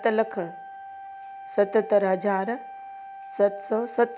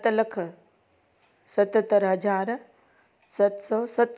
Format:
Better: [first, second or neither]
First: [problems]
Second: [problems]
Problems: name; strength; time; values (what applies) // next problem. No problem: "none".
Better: second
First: background sound (Wind instrument, woodwind instrument); 14 dB below the speech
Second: none